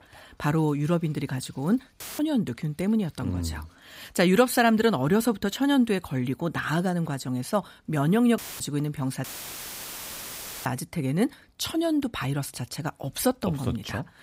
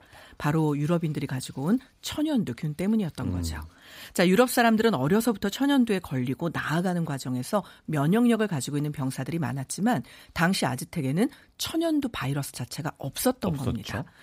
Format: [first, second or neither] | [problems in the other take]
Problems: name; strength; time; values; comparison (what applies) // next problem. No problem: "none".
second | audio cutting out; filled with static; at 2 s, at 8.5 s and at 9 s for 1.5 s